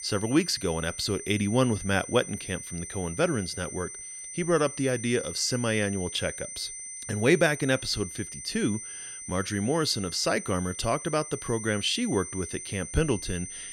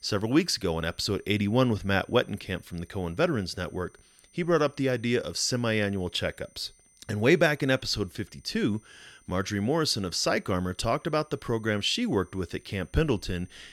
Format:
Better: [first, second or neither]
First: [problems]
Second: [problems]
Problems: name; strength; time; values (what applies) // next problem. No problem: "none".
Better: second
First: high-pitched whine; loud; throughout; 9 kHz, 9 dB below the speech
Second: high-pitched whine; faint; throughout; 9 kHz, 30 dB below the speech